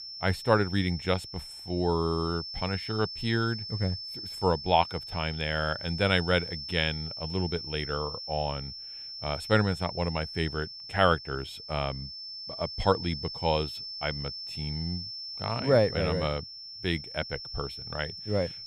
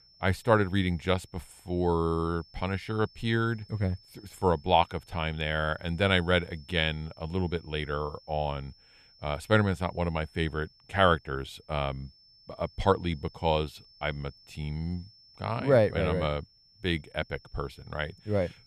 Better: second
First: high-pitched whine; loud; throughout; 5.5 kHz, 8 dB below the speech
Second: high-pitched whine; faint; throughout; 5.5 kHz, 25 dB below the speech

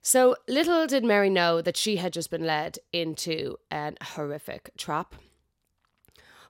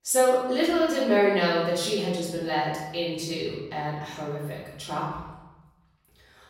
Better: first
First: none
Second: off-mic speech; far // room echo; noticeable; dies away in 1 s

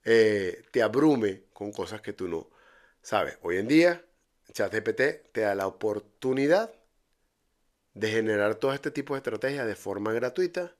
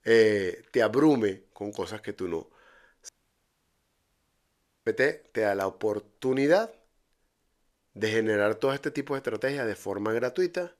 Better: first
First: none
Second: audio cutting out; at 3 s for 2 s

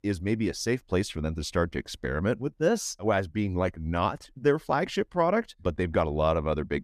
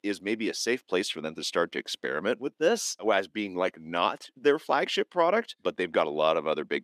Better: first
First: none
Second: thin; somewhat; fading below 300 Hz

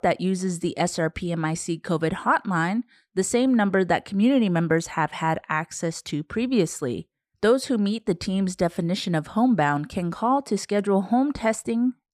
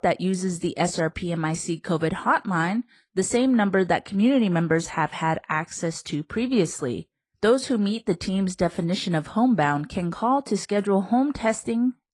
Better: first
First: none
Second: garbled, watery; slightly

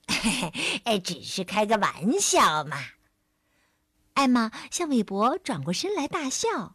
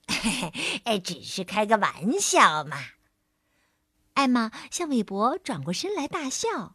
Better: second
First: distortion; slight; 1.4% of the sound clipped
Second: none

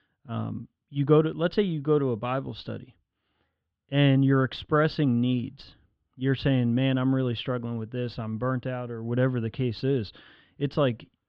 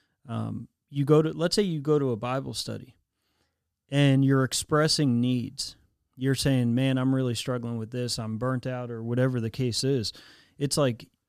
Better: second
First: muffled; very; fading above 3.5 kHz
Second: none

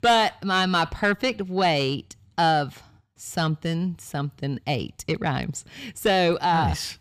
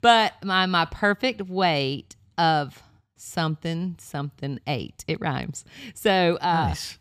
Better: second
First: distortion; slight; 10 dB below the speech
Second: none

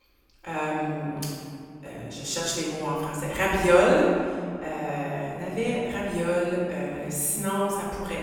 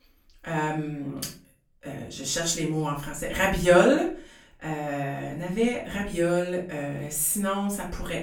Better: second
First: room echo; strong; dies away in 1.9 s // off-mic speech; far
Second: room echo; slight; dies away in 0.4 s // off-mic speech; far

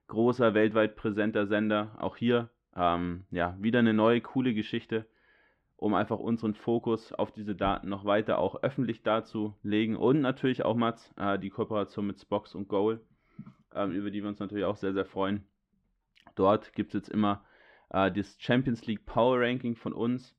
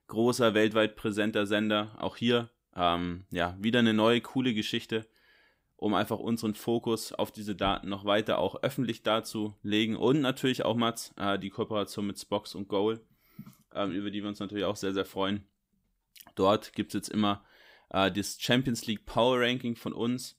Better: second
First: muffled; very; fading above 2 kHz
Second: none

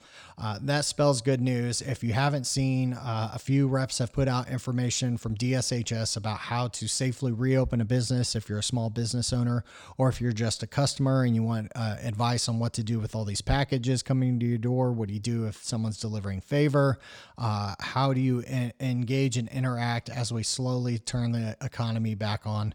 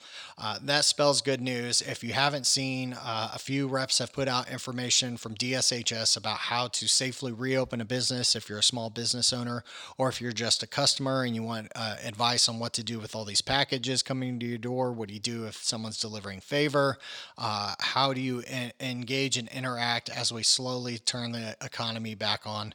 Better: first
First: none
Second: thin; somewhat; fading below 1 kHz

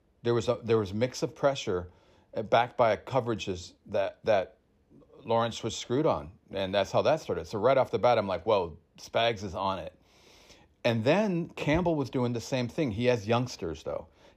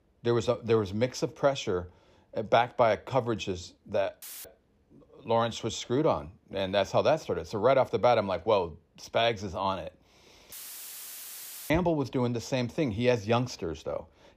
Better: first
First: none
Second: audio cutting out; filled with static; at 4 s and at 11 s for 1 s

